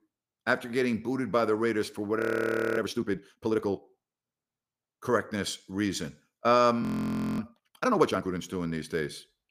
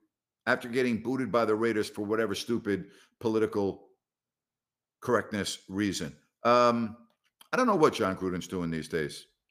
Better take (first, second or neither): second